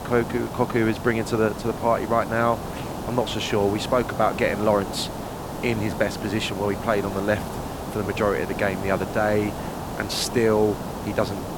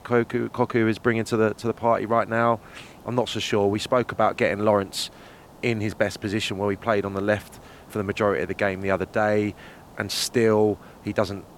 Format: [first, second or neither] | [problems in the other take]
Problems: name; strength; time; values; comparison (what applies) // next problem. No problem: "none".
second | hiss; loud; throughout; 8 dB below the speech; faint in the second